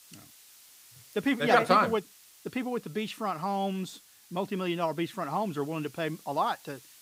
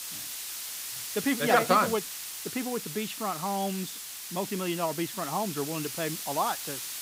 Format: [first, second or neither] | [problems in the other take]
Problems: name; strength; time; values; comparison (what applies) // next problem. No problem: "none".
first | hiss; loud; throughout; 5 dB below the speech; faint in the first